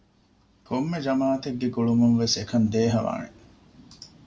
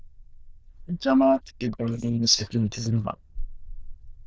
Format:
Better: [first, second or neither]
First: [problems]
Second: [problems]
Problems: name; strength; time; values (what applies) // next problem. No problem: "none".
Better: first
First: none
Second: noise reduction (neural diffusion model UNIVERSE++)